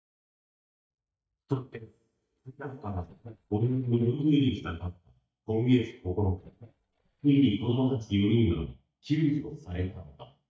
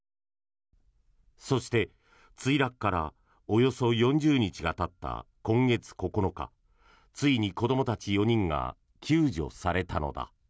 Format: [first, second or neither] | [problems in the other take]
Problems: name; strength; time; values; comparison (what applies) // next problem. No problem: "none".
second | noise reduction (neural mask model DeepFilterNet 3)